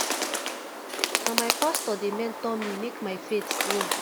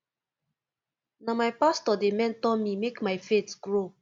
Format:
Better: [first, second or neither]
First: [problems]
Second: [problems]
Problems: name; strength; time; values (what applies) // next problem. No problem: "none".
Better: second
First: background sound (Bird); 2 dB above the speech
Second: none